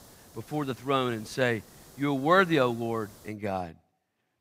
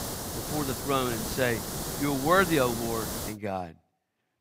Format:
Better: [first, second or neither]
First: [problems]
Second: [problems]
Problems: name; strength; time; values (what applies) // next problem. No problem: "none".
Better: first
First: hiss; faint; until 3.5 s; 25 dB below the speech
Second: hiss; loud; until 3.5 s; 5 dB below the speech